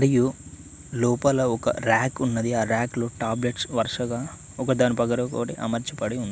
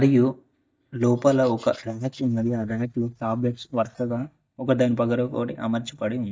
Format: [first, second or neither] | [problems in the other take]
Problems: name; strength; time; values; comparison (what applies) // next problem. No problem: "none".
first | noise reduction (neural mask model DeepFilterNet 3)